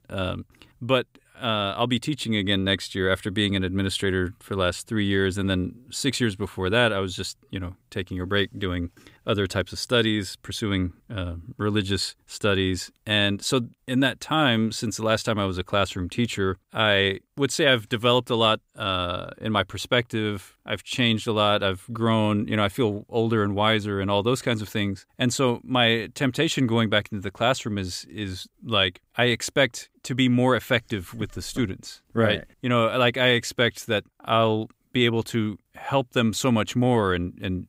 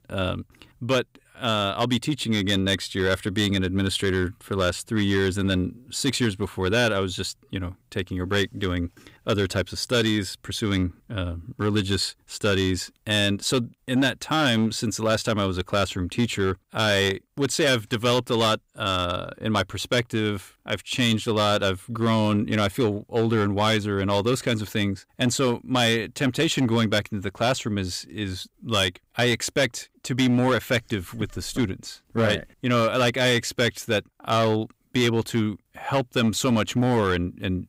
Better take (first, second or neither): first